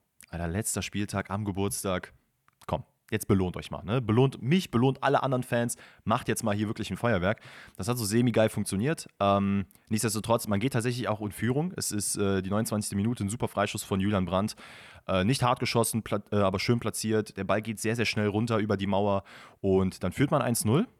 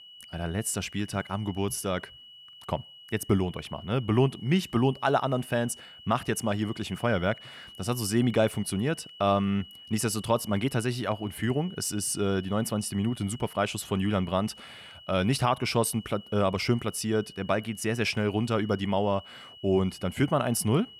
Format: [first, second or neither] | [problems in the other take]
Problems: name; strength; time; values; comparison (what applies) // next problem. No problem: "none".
first | high-pitched whine; noticeable; throughout; 3 kHz, 20 dB below the speech